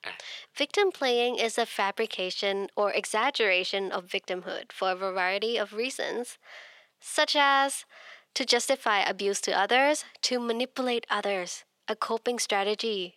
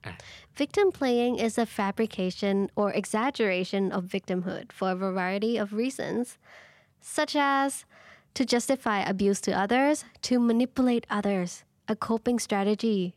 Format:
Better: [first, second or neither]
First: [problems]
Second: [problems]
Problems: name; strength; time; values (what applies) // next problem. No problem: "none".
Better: second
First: thin; somewhat; fading below 500 Hz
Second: none